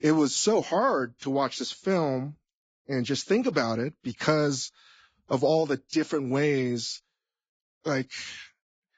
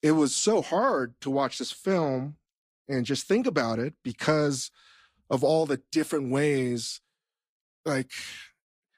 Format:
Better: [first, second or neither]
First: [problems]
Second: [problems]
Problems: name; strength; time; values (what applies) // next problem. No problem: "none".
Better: second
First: garbled, watery; badly; nothing above 7.5 kHz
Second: garbled, watery; slightly; nothing above 15.5 kHz